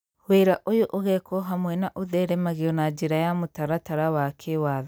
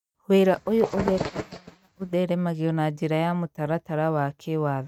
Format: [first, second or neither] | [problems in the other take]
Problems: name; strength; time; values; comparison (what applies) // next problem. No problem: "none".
first | noise reduction (neural mask model RNNoise)